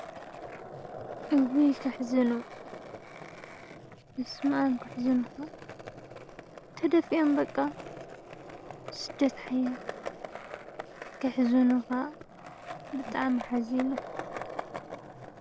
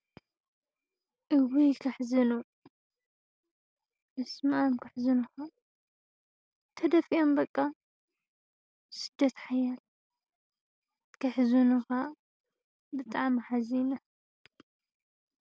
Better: second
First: background sound (Skateboard); 12 dB below the speech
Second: none

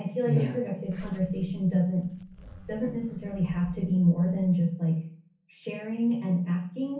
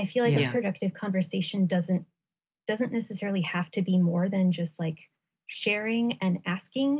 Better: second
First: background sound (Zipper (clothing)); 19 dB below the speech // room echo; dies away in 0.6 s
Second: none

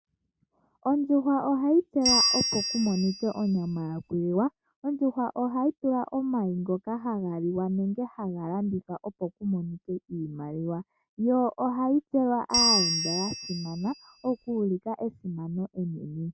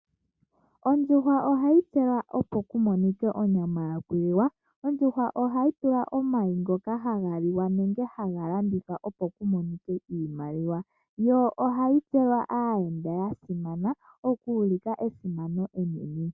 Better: second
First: background sound (Bell); as loud as the speech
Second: none

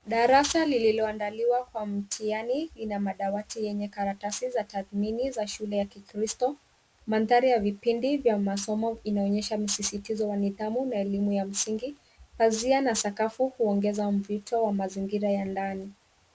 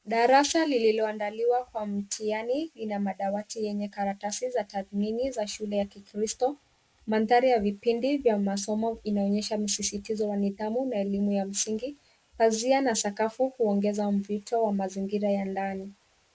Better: first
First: none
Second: noise reduction (neural mask model Resemble Enhance denoiser)

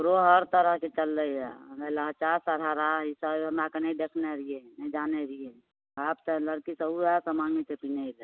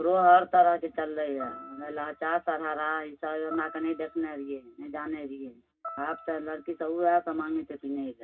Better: first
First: none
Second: background sound (Piano); 18 dB below the speech // room echo; dies away in 0.4 s

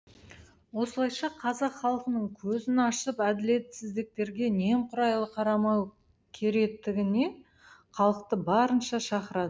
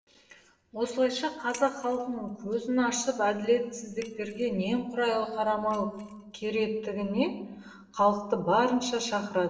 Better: first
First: none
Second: noise reduction (neural separator model SepFormer DNS4)

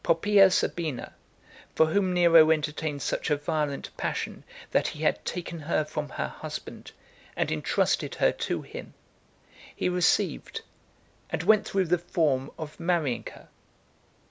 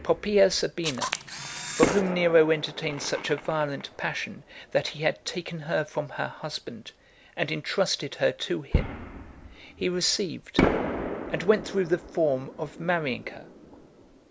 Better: first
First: none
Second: background sound (Fireworks + Camera); 6 dB below the speech

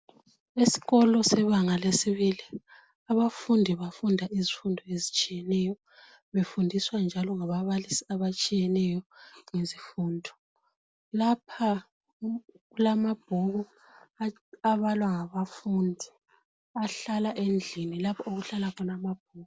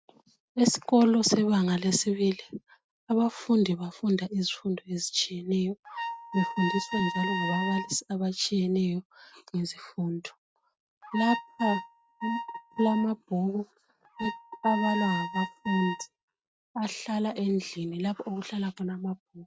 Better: first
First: none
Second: noise reduction (neural mask model RNNoise)

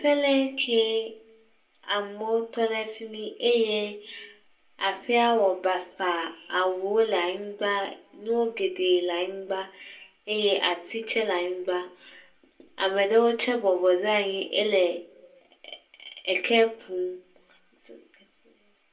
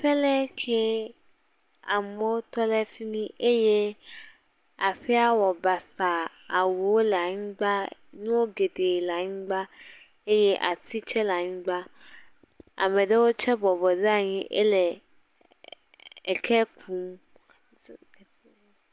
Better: second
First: room echo; dies away in 0.2 s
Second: none

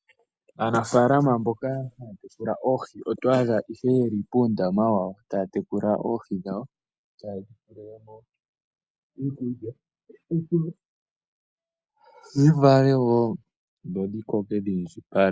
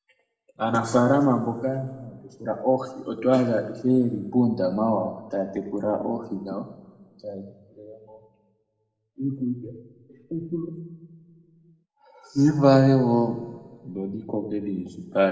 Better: first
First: none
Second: room echo; dies away in 1.3 s

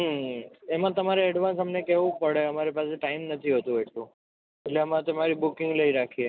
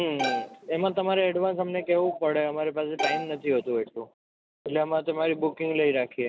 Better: first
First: none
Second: background sound (Bowed string instrument); 5 dB below the speech

